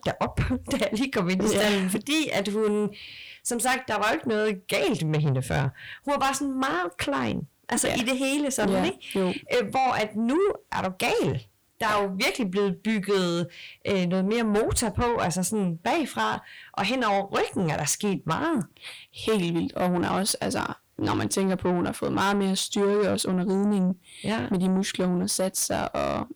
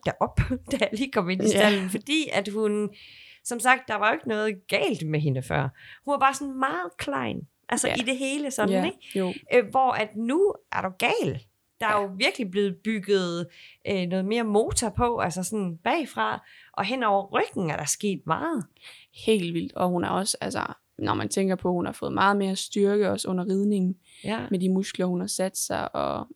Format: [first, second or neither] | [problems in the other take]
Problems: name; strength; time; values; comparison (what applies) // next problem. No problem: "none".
second | distortion; heavy; 8 dB below the speech